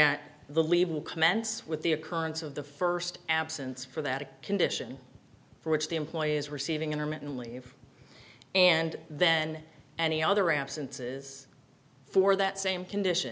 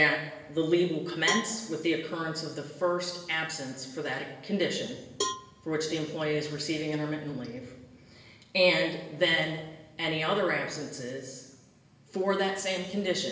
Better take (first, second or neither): first